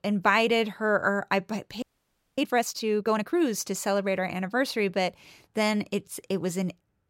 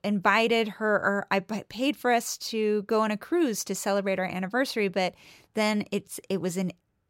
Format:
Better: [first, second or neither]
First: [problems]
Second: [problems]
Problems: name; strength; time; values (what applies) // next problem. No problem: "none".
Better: second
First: audio freezing; at 2 s for 0.5 s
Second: none